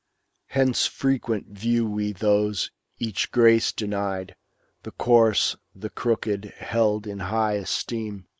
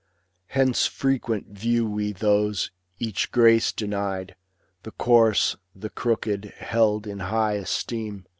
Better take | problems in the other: second | noise reduction (neural mask model Resemble Enhance denoiser)

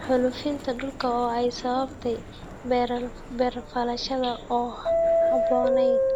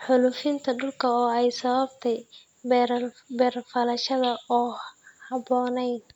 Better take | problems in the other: second | background sound (Subway, metro, underground); as loud as the speech

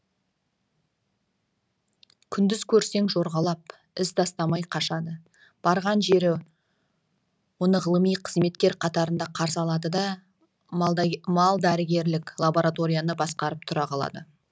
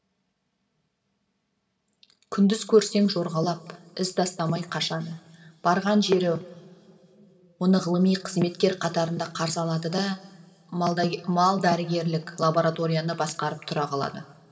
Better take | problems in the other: first | room echo; dies away in 1.8 s

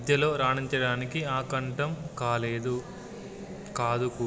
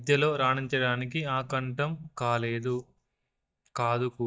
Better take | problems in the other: first | noise reduction (neural mask model DeepFilterNet 3)

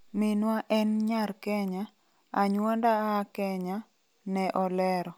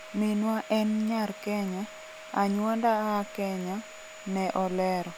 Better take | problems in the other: first | background sound (Domestic sounds, home sounds); 16 dB below the speech

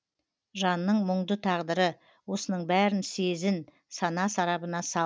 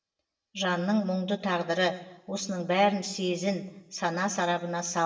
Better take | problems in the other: first | room echo; dies away in 0.8 s

